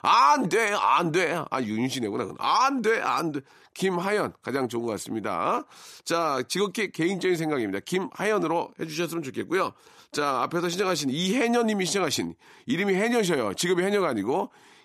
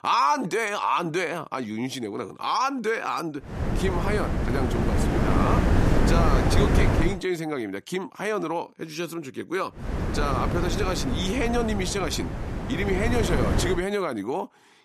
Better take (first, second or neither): first